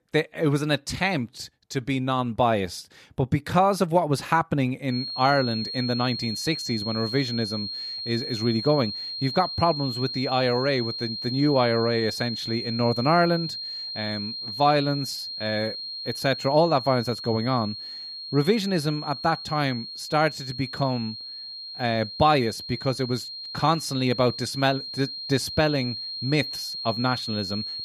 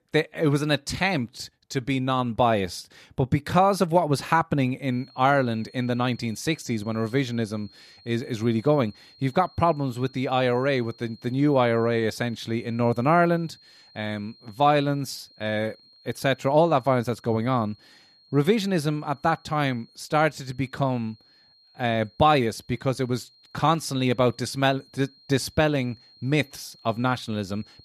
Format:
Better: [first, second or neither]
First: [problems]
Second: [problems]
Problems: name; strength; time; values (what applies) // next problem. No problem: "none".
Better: second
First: high-pitched whine; loud; from 5 s on; 4 kHz, 6 dB below the speech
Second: high-pitched whine; faint; from 5 s on; 4 kHz, 30 dB below the speech